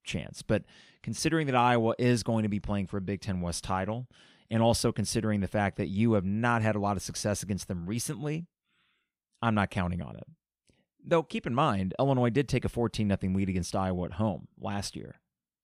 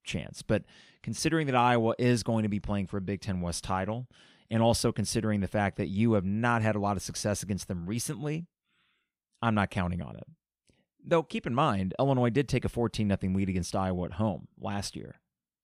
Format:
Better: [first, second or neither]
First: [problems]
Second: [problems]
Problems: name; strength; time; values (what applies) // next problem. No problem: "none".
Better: neither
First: none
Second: none